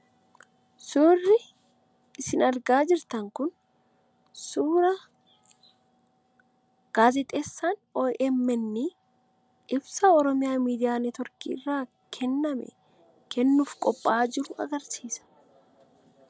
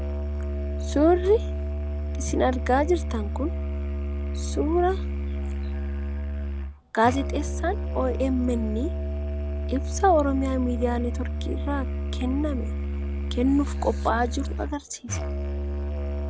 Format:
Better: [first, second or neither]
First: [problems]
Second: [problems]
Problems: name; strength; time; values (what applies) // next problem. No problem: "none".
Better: first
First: none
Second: background sound (Musical instrument); 1 dB below the speech